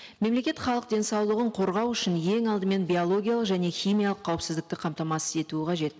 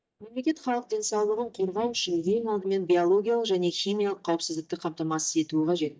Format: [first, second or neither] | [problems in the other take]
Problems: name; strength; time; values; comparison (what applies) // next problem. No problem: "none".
first | noise reduction (neural mask model DeepFilterNet 3)